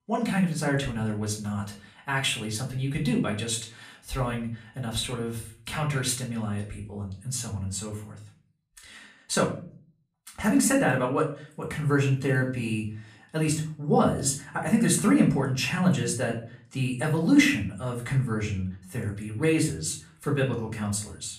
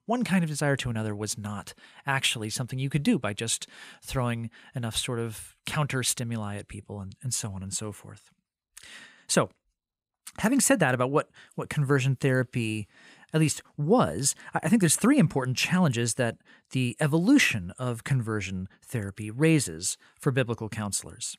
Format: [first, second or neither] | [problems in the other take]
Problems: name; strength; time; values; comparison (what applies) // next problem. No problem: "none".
second | room echo; slight; dies away in 0.4 s // off-mic speech; far